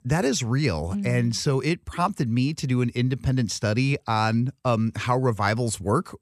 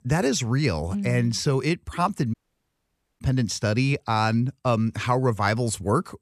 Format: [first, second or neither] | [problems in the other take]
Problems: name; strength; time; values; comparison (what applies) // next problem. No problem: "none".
first | audio cutting out; at 2.5 s for 1 s